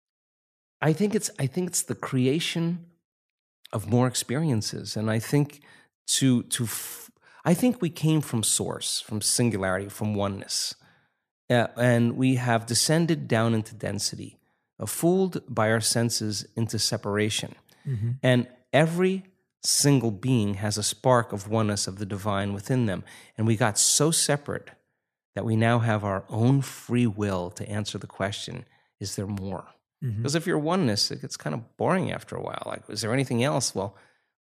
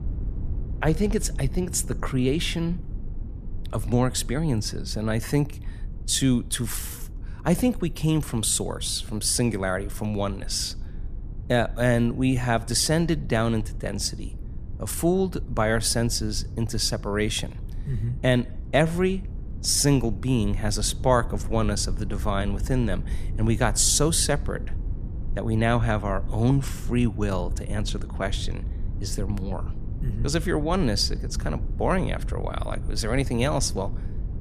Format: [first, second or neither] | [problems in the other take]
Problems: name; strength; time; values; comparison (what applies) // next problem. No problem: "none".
first | low rumble; faint; throughout; 20 dB below the speech